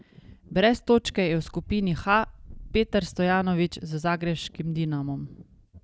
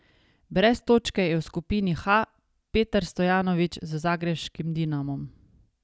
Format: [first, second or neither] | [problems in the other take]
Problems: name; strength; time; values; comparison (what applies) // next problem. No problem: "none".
second | background sound (Wind); 20 dB below the speech